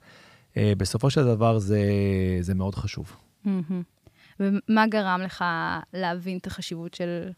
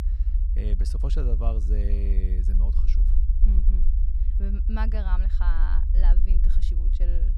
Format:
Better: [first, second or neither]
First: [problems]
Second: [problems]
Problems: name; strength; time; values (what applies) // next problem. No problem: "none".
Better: first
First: none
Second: low rumble; loud; throughout; 6 dB below the speech